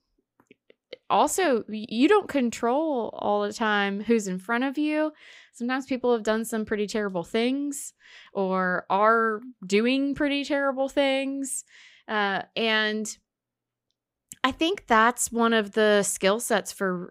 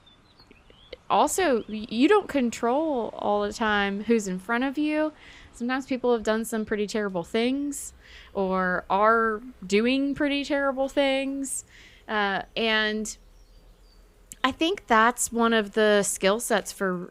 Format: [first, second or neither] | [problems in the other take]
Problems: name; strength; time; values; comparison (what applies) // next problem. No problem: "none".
first | animal sounds; faint; throughout; 30 dB below the speech